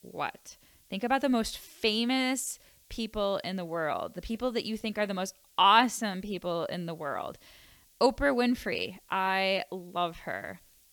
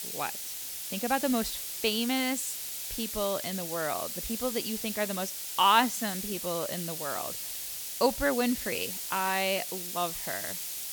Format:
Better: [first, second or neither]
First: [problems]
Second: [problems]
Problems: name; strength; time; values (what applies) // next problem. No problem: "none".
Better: first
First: hiss; faint; throughout; 30 dB below the speech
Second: hiss; loud; throughout; 4 dB below the speech